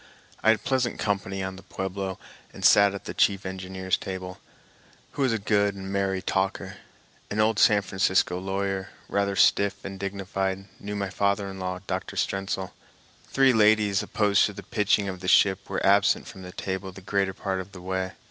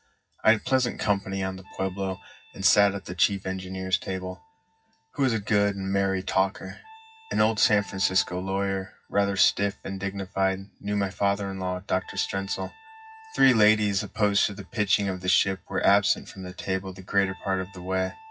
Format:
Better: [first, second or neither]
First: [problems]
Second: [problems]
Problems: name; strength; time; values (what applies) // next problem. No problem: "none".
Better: first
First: none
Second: noise reduction (classical method WPE with log-MMSE)